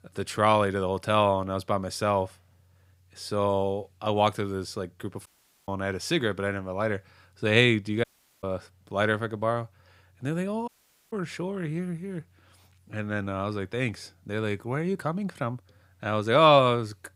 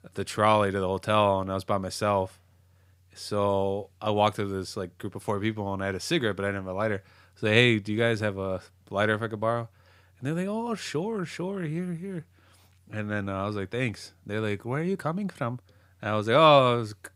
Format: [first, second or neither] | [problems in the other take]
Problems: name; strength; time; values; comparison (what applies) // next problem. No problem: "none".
second | audio cutting out; at 5.5 s, at 8 s and at 11 s